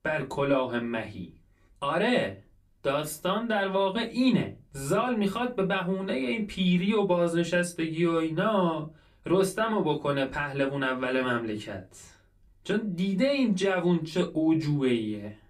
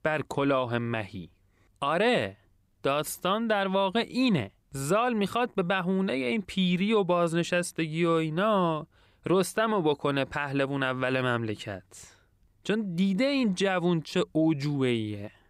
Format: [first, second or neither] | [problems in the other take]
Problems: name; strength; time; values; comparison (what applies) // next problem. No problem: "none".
second | off-mic speech; far // room echo; very slight; dies away in 0.2 s